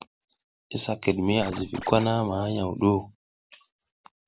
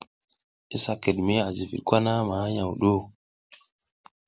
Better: second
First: background sound (Scratching (performance technique)); 11 dB below the speech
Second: none

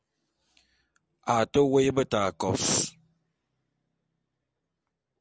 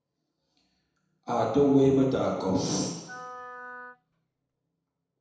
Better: first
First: none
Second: background sound (Wind instrument, woodwind instrument); 16 dB below the speech // room echo; dies away in 1 s

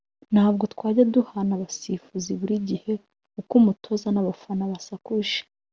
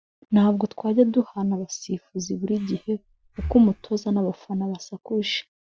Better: first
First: none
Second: noise reduction (classical method Wiener filter)

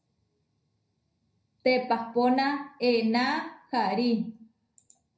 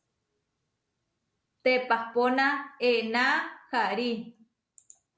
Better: second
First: room echo; dies away in 0.4 s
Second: none

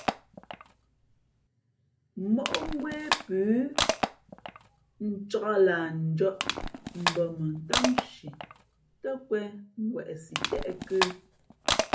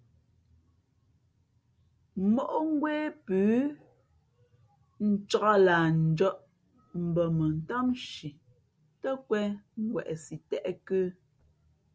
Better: second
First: background sound (Crushing); 3 dB below the speech // room echo; dies away in 0.3 s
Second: none

